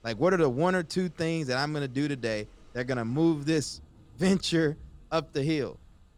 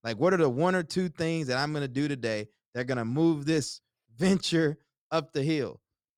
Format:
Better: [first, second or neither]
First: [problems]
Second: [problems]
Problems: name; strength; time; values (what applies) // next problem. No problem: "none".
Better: second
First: rain or running water; faint; throughout; 25 dB below the speech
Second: none